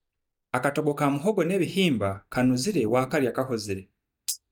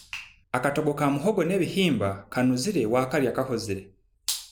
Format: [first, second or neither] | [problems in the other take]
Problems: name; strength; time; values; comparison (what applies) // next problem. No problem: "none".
second | noise reduction (neural mask model DeepFilterNet 3)